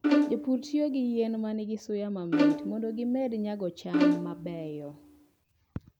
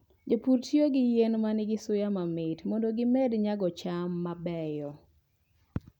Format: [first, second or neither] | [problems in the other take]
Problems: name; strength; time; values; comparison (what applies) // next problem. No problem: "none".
second | background sound (Bowed string instrument); 2 dB above the speech